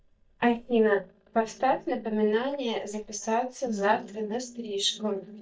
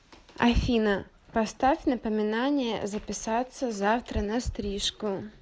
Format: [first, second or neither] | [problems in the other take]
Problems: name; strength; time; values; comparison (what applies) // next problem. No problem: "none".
second | noise reduction (neural mask model DeepFilterNet 3)